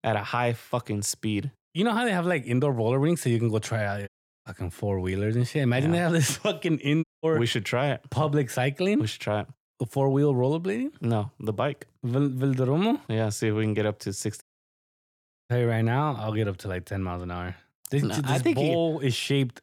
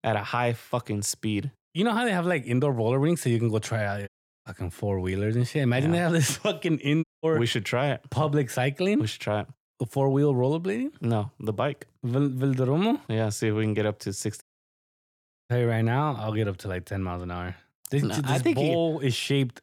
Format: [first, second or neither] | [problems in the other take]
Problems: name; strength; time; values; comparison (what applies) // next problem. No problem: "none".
neither | audio cutting out; at 4 s, at 7 s and at 14 s for 1 s; the same in both